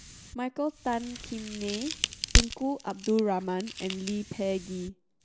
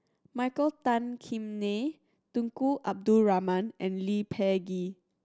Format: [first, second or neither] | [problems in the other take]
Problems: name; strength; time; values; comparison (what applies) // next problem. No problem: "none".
second | background sound (Crack); 1 dB below the speech